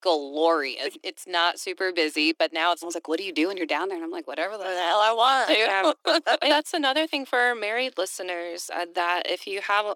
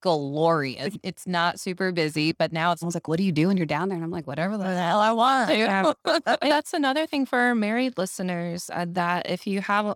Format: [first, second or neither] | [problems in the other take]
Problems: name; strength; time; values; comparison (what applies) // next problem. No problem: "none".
second | thin; somewhat; fading below 300 Hz